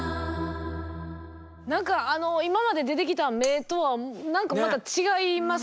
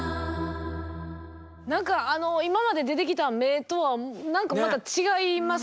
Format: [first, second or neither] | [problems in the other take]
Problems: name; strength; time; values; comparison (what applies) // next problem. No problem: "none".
second | background sound (Cutlery, silverware); 13 dB below the speech